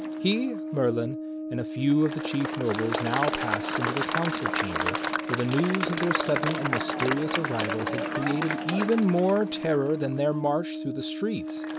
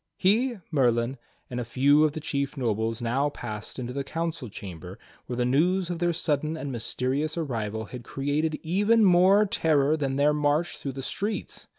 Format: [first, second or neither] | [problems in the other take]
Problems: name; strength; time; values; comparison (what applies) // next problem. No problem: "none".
second | background sound (Applause / Crowd + Brass instrument); 2 dB below the speech